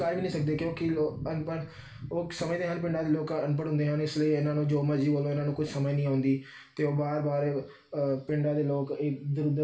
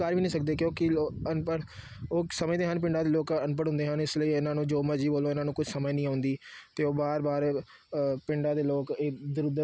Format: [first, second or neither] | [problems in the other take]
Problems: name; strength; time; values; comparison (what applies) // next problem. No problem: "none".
second | room echo; dies away in 0.4 s